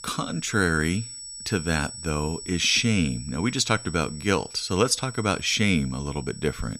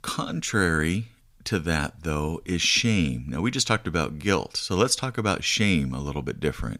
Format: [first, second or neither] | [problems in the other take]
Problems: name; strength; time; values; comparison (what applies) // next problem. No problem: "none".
second | high-pitched whine; noticeable; throughout; 8 kHz, 15 dB below the speech